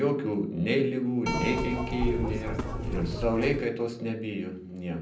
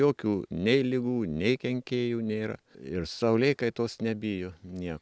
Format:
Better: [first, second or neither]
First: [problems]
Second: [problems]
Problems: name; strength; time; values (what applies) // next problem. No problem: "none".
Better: second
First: background sound (Keyboard (musical)); 2 dB below the speech // room echo; dies away in 0.6 s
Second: none